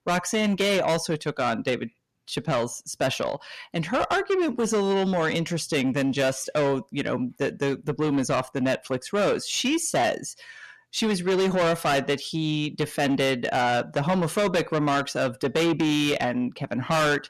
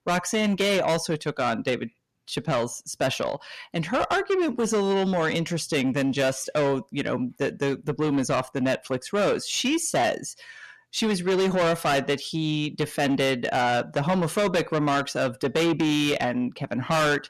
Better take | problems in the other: neither | distortion; heavy; 6 dB below the speech; the same in both

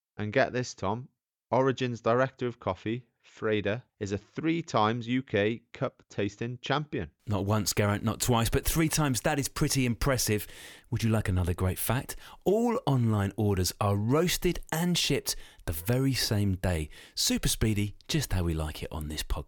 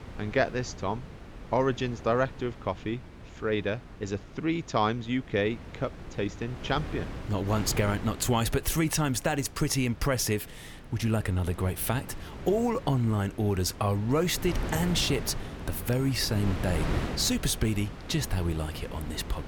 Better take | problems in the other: first | wind noise on the microphone; occasional gusts; 15 dB below the speech

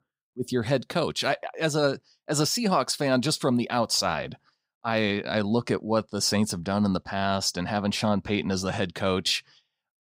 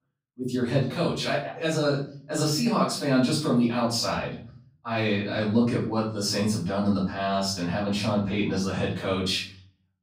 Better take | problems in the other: first | room echo; noticeable; dies away in 0.4 s // off-mic speech; far

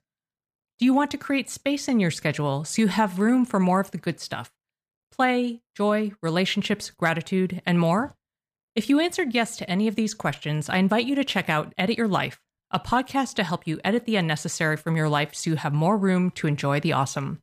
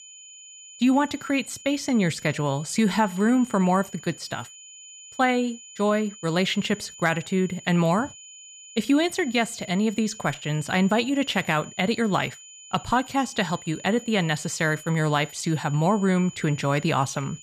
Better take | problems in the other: first | high-pitched whine; noticeable; throughout; 7 kHz, 20 dB below the speech

